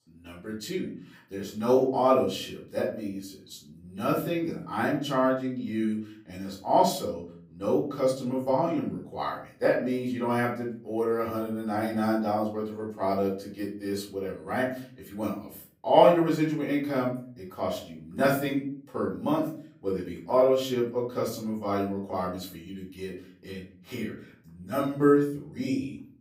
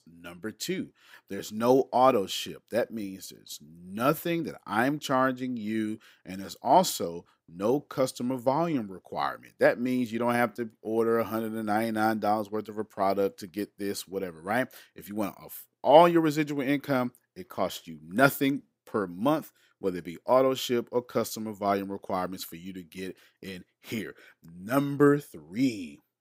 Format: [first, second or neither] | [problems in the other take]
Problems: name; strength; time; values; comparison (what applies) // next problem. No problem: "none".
second | room echo; slight; dies away in 0.6 s // off-mic speech; far